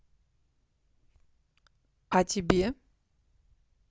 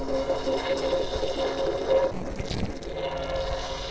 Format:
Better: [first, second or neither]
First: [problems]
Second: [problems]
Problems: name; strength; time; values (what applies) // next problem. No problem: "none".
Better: first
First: none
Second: noise reduction (neural separator model SepFormer DNS4)